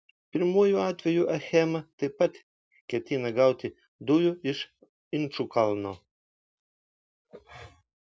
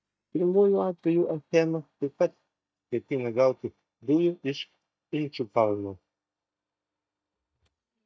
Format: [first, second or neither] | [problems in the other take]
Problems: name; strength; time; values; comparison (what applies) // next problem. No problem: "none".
first | noise reduction (neural mask model DeepFilterNet 3)